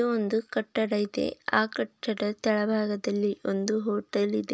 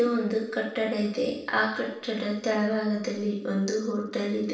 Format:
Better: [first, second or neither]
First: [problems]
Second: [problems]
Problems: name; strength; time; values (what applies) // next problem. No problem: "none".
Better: first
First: none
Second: room echo; dies away in 0.7 s